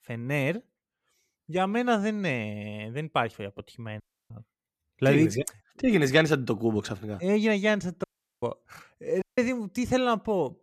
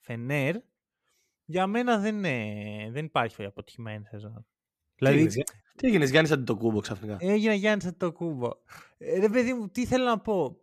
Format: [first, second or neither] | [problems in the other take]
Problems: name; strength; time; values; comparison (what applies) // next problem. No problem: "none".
second | audio cutting out; at 4 s, at 8 s and at 9 s